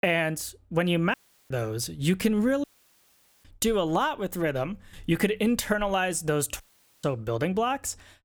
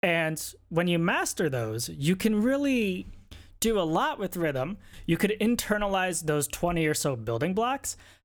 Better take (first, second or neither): second